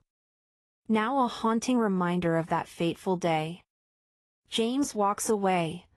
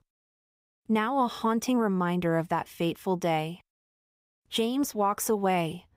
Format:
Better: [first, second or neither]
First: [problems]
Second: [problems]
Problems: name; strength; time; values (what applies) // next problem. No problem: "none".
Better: second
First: garbled, watery; slightly; nothing above 11.5 kHz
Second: none